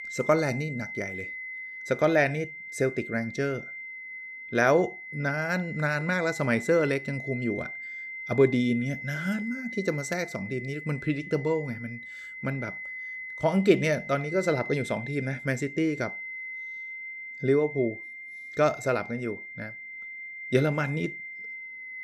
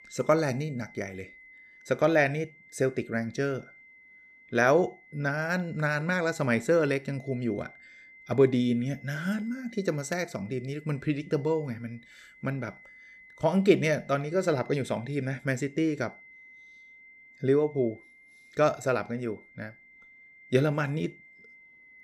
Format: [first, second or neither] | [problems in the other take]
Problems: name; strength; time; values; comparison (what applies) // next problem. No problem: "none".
second | high-pitched whine; loud; throughout; 2 kHz, 9 dB below the speech; faint in the second